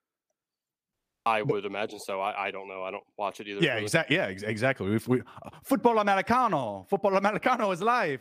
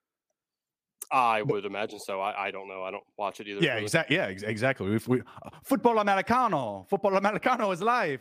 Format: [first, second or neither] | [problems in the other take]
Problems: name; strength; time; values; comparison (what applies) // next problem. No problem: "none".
second | audio cutting out; at 1 s